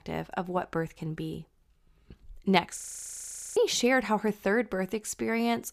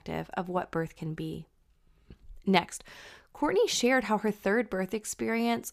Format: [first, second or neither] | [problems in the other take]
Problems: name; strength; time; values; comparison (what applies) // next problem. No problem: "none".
second | audio freezing; at 3 s for 1 s